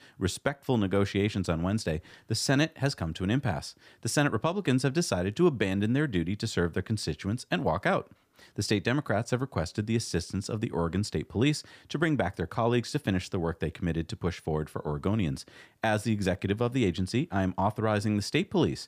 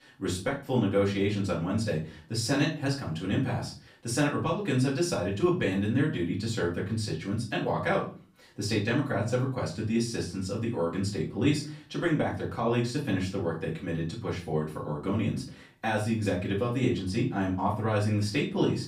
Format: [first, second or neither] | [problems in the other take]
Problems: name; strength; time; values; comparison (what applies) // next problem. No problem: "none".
first | off-mic speech; far // room echo; slight; dies away in 0.3 s